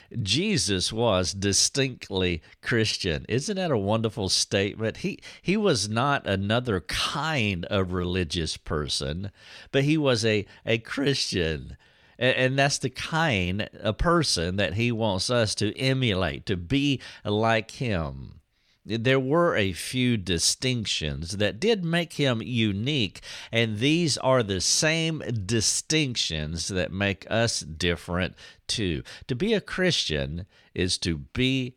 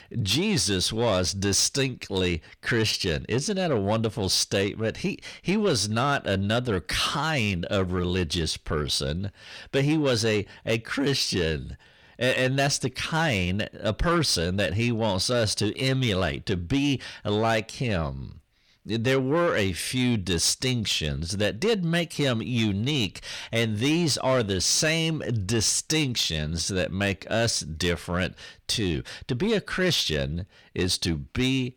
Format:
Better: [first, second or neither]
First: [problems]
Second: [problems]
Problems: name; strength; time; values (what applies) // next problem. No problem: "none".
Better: first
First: none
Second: distortion; slight; 10 dB below the speech